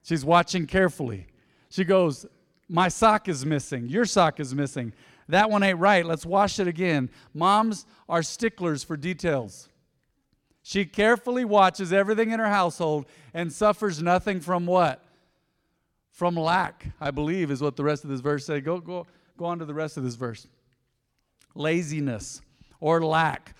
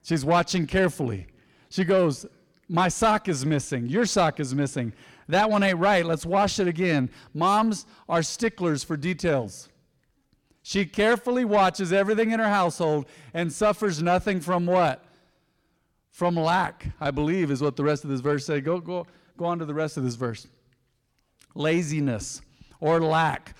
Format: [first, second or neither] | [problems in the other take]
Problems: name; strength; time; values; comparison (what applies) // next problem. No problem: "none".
first | distortion; slight; 10 dB below the speech